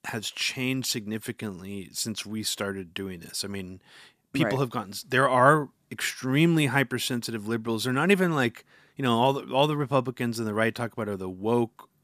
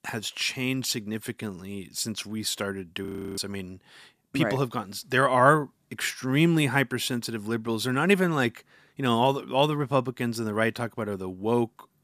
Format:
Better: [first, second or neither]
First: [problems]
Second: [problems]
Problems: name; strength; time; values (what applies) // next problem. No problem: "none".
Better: first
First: none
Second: audio freezing; at 3 s